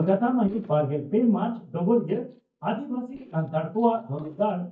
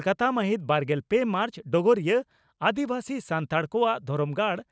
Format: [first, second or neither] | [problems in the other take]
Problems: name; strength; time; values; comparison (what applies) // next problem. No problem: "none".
second | noise reduction (neural mask model DeepFilterNet 3)